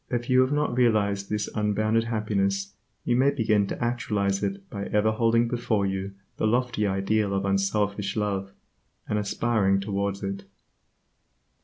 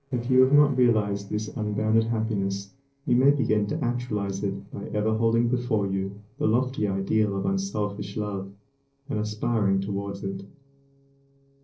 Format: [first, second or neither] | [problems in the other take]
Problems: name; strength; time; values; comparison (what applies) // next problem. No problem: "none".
first | noise reduction (neural separator model SepFormer DNS4)